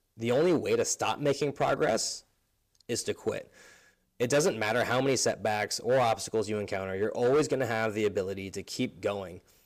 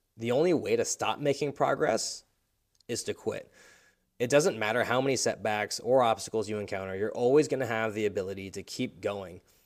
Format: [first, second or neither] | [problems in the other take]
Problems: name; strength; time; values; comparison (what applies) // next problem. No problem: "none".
second | distortion; slight; 5% of the sound clipped